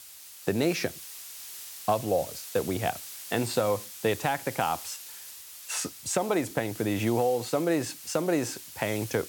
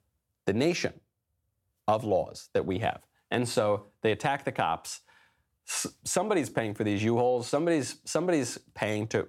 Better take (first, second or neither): second